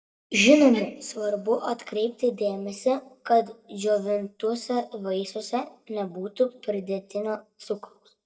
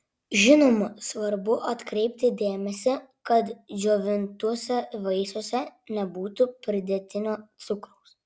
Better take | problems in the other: second | noise reduction (neural mask model DeepFilterNet 3)

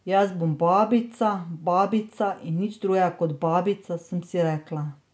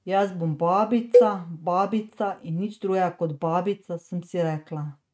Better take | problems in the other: first | noise reduction (neural mask model RNNoise)

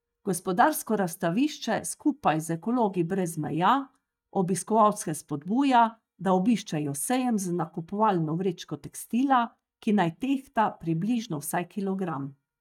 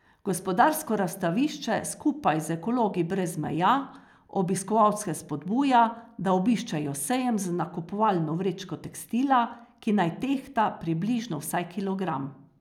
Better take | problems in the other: second | noise reduction (neural mask model DeepFilterNet 3)

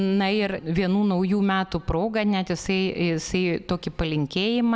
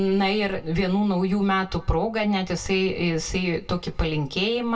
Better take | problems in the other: first | room echo; dies away in 0.1 s

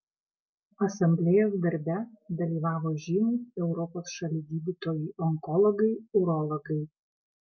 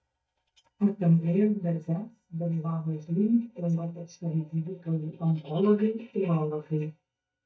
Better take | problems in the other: first | noise reduction (neural mask model DeepFilterNet 3)

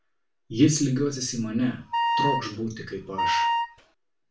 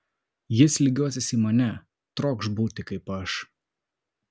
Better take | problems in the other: second | background sound (Wind instrument, woodwind instrument); 1 dB above the speech // room echo; dies away in 0.3 s

